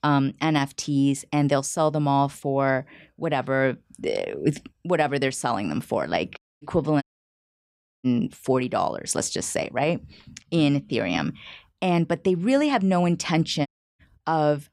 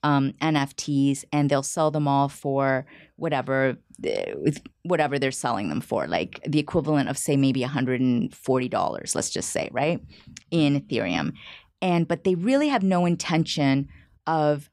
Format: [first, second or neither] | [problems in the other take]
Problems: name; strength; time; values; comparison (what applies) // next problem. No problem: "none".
second | audio cutting out; at 6.5 s, at 7 s for 1 s and at 14 s